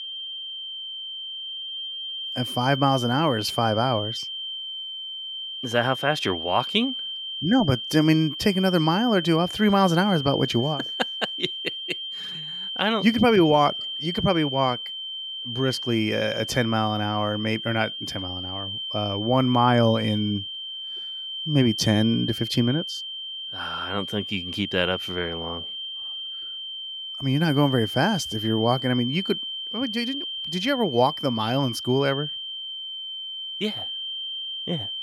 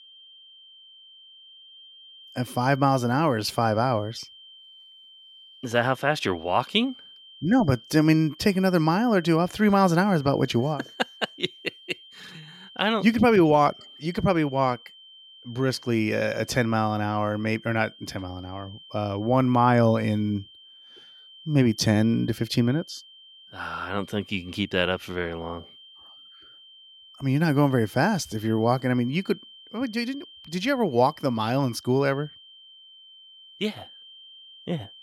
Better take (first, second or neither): second